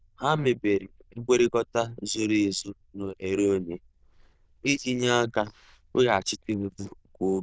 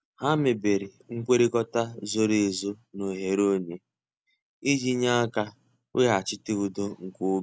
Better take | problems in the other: second | noise reduction (neural diffusion model UNIVERSE++)

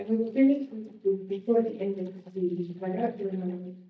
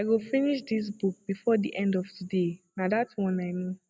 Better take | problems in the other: second | noise reduction (neural mask model DeepFilterNet 3)

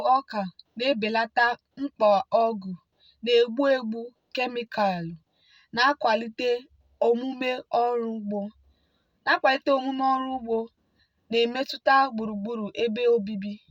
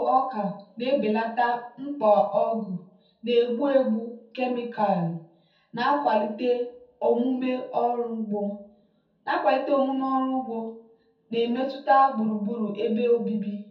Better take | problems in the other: first | room echo; dies away in 0.5 s

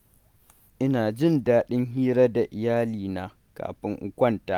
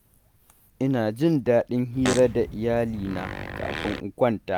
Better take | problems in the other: first | background sound (Fart); 8 dB below the speech

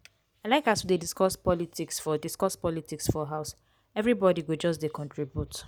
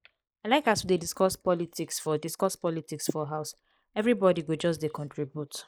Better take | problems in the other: first | noise reduction (neural mask model Resemble Enhance denoiser)

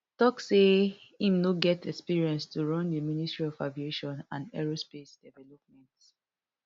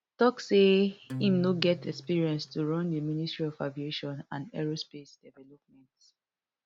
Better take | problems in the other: first | background sound (Acoustic guitar); 13 dB below the speech

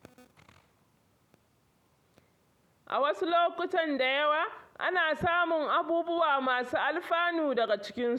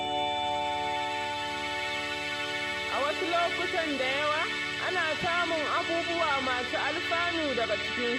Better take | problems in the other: first | background sound (Musical instrument); 1 dB above the speech

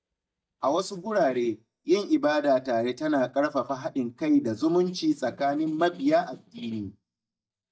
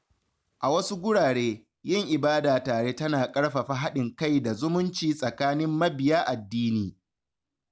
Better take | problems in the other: second | noise reduction (neural mask model DeepFilterNet 3)

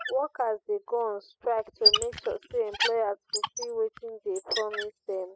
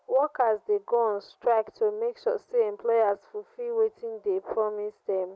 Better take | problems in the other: second | noise reduction (classical method spectral subtraction)

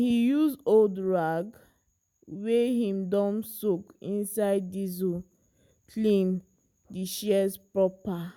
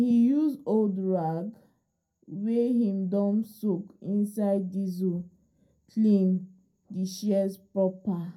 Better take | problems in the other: first | room echo; dies away in 0.2 s

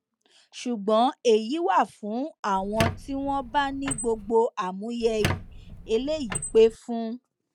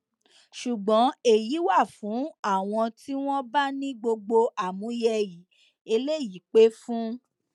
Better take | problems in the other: second | background sound (Squeak); 7 dB below the speech

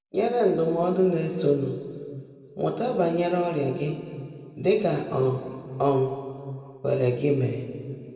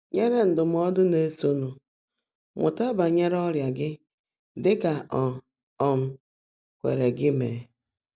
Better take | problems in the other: second | room echo; dies away in 2 s

